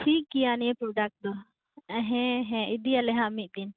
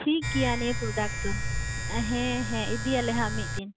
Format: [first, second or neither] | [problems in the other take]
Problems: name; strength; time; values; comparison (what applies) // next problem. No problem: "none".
first | background sound (Domestic sounds, home sounds); 1 dB below the speech